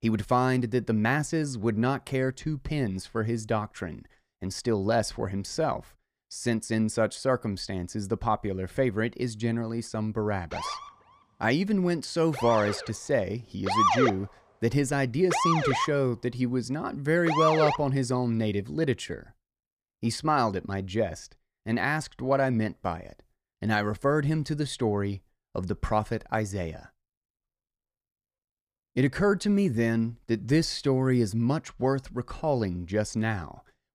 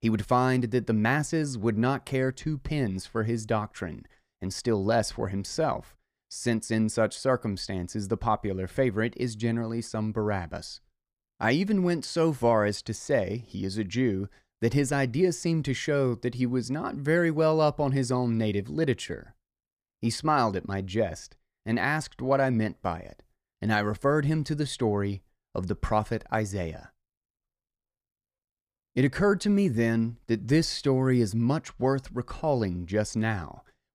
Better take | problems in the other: second | siren; loud; from 11 to 18 s; peak 5 dB above the speech

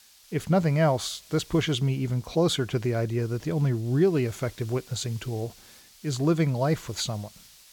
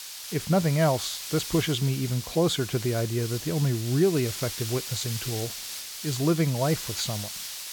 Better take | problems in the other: first | hiss; loud; throughout; 7 dB below the speech; faint in the first

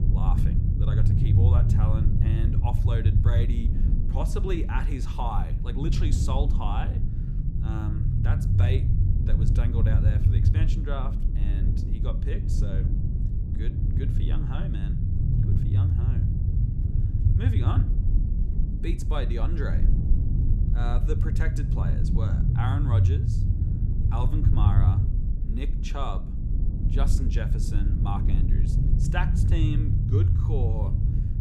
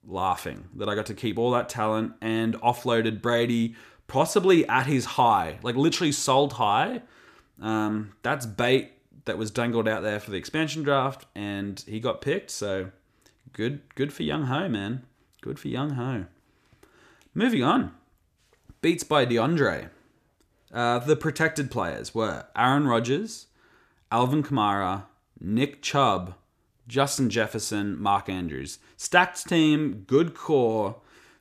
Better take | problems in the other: second | low rumble; loud; throughout; 1 dB below the speech

